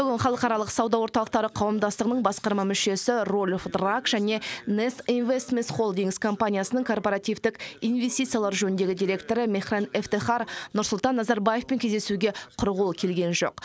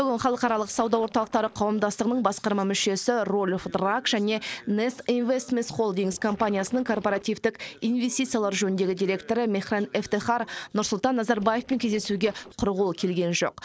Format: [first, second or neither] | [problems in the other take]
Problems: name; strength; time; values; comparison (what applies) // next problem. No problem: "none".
first | noise reduction (neural separator model SepFormer DNS4)